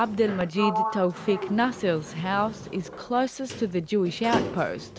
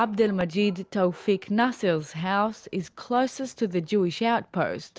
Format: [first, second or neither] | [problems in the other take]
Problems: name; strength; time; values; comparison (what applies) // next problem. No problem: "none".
second | background sound (Sliding door); 7 dB below the speech